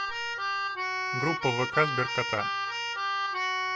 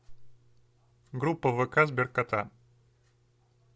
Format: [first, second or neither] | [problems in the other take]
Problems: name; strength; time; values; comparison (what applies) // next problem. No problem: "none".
second | background sound (Keyboard (musical)); 2 dB above the speech